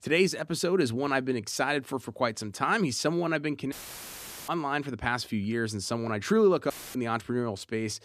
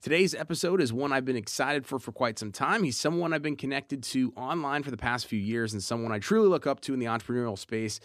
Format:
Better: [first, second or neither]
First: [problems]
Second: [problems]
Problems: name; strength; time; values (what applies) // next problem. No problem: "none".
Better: second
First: audio cutting out; filled with static; at 3.5 s for 1 s and at 6.5 s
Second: none